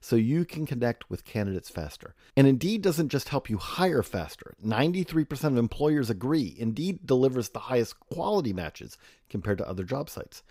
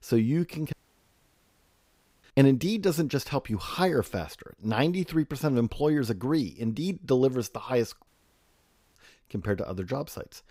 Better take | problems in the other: first | audio cutting out; at 0.5 s for 1.5 s and at 8 s for 1 s

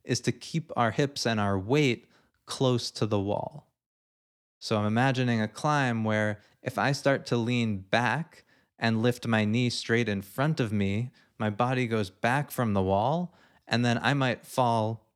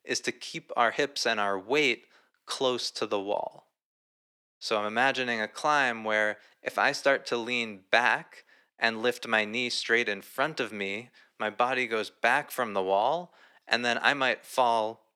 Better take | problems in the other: first | thin; somewhat; fading below 450 Hz

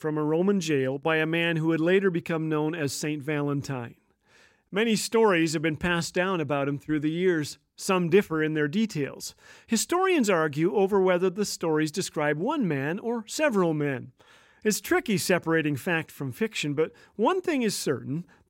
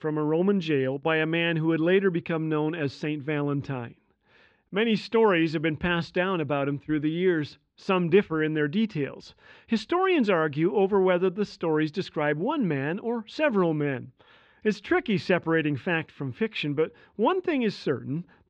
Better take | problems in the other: first | muffled; slightly; fading above 3.5 kHz

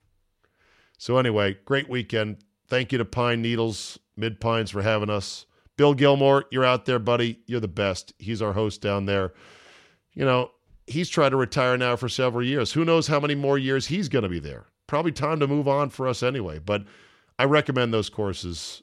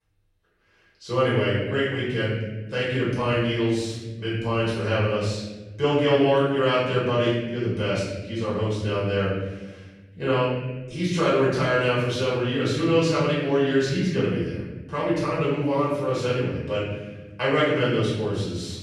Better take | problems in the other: first | off-mic speech; far // room echo; strong; dies away in 1.2 s

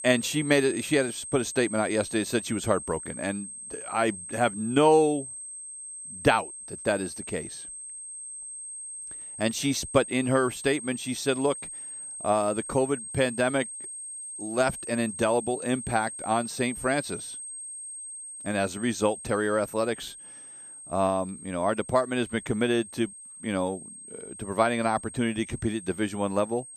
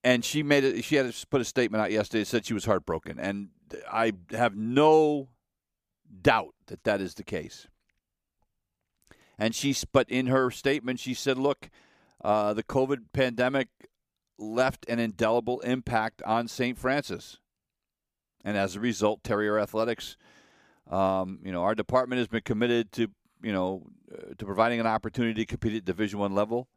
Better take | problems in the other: second | high-pitched whine; noticeable; throughout; 8.5 kHz, 10 dB below the speech

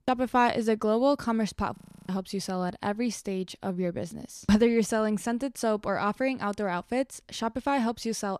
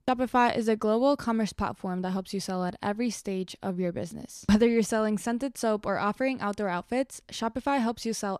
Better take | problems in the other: second | audio freezing; at 2 s

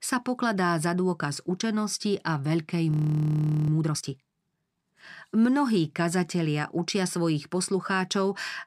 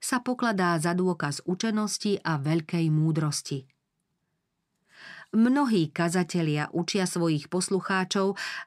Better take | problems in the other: second | audio freezing; at 3 s for 1 s

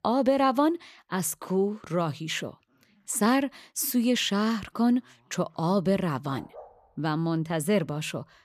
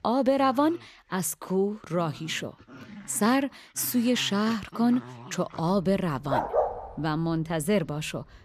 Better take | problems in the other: first | animal sounds; loud; throughout; 8 dB below the speech; faint in the first

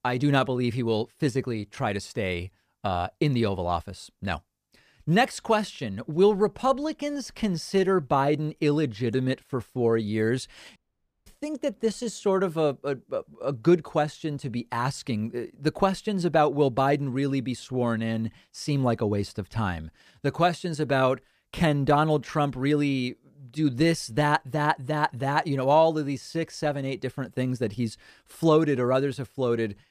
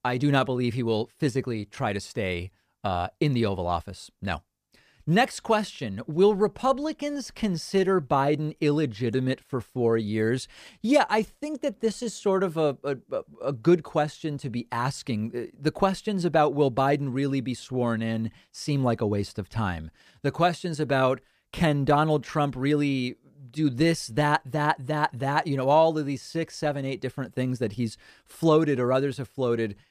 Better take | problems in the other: second | audio cutting out; at 11 s for 0.5 s

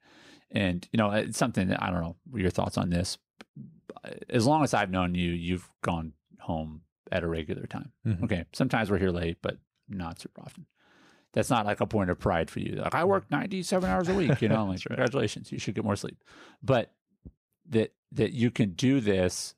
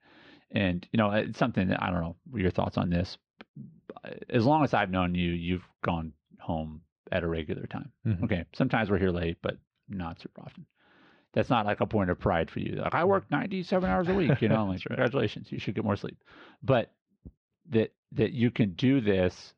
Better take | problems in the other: first | muffled; slightly; fading above 4 kHz

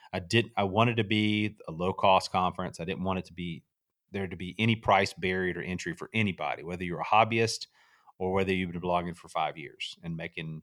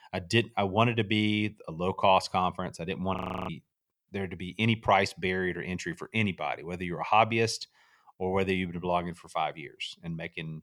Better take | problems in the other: first | audio freezing; at 3 s

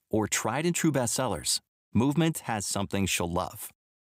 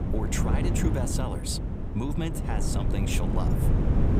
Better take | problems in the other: first | wind noise on the microphone; heavy; 1 dB below the speech

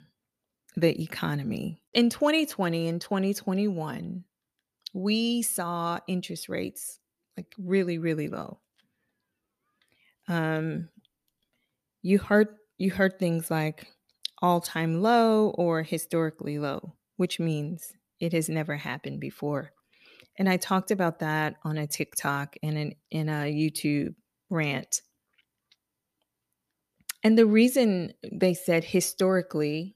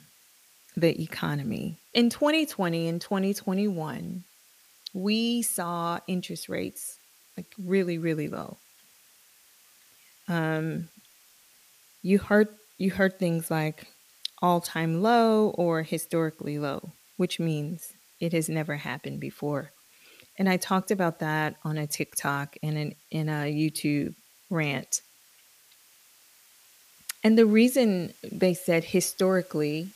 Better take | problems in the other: first | hiss; faint; throughout; 30 dB below the speech

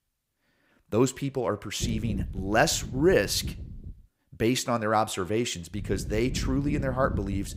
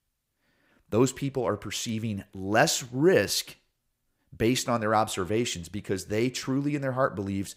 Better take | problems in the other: second | wind noise on the microphone; occasional gusts; from 2 to 4 s and from 5.5 s on; 20 dB below the speech

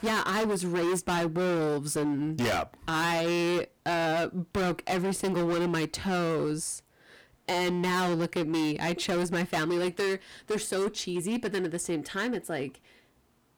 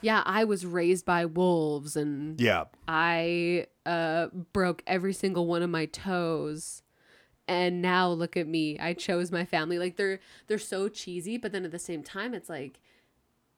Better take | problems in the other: second | distortion; heavy; 26% of the sound clipped

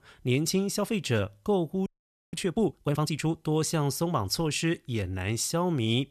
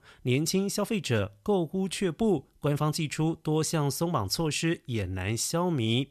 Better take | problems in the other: second | audio freezing; at 2 s

